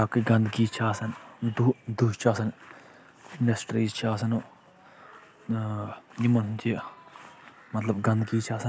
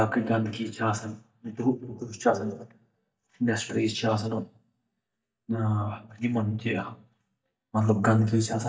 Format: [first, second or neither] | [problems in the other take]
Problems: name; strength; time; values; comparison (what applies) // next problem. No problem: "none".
first | noise reduction (neural mask model DeepFilterNet 3)